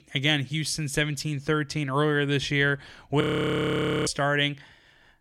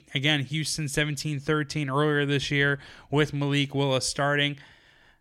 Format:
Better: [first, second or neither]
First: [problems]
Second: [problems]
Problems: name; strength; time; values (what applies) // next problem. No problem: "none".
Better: second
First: audio freezing; at 3 s for 1 s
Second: none